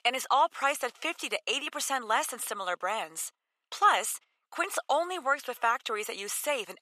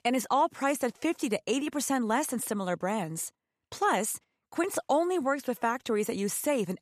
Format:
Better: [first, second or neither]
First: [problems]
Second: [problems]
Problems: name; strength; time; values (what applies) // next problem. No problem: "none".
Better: second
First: thin; very; fading below 700 Hz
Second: none